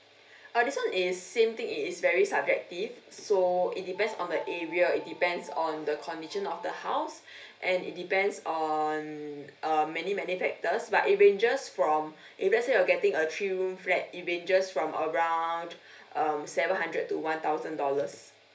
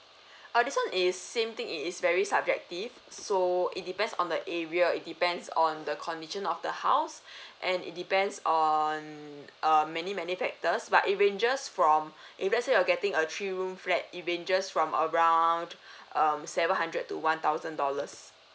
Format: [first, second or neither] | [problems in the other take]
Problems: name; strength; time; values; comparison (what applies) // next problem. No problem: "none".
second | background sound (Piano); 17 dB below the speech // room echo; dies away in 0.3 s